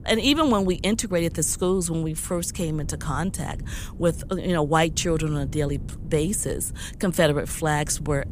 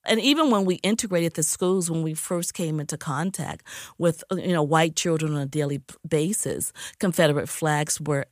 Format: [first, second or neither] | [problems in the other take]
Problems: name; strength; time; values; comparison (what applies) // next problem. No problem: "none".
second | low rumble; faint; throughout; 25 dB below the speech